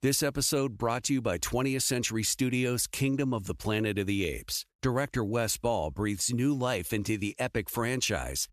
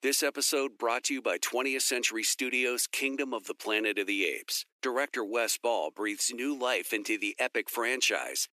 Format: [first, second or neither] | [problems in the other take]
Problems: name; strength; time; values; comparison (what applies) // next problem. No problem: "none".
first | thin; somewhat; fading below 300 Hz